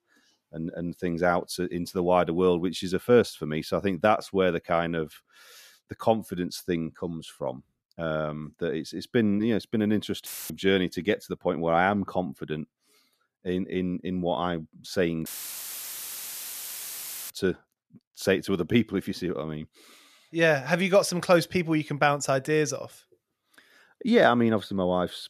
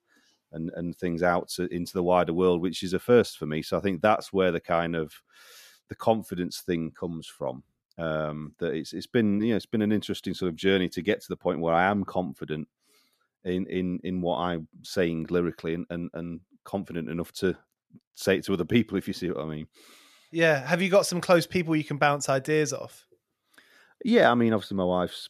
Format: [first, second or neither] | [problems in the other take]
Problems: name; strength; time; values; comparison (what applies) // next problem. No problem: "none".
second | audio cutting out; filled with static; at 10 s and at 15 s for 2 s